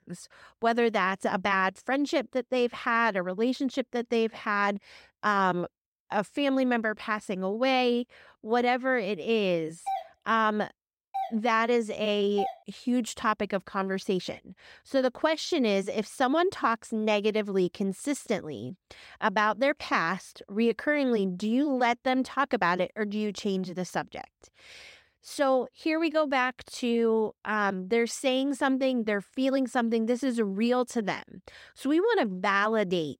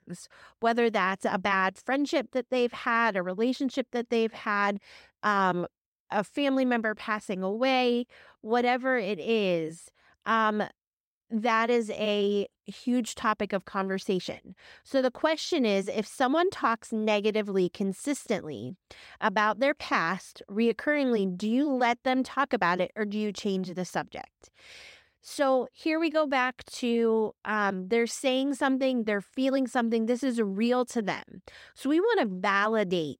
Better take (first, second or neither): second